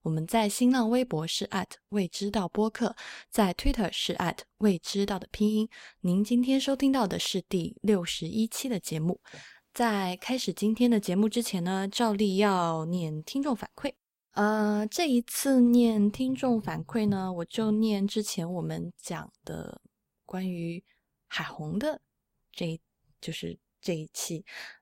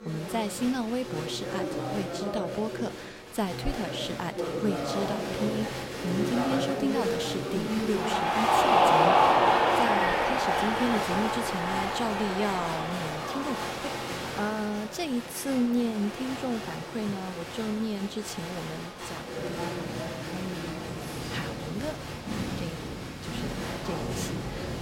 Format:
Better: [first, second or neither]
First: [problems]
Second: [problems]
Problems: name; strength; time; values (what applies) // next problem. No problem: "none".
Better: first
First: none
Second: crowd noise; very loud; throughout; 4 dB above the speech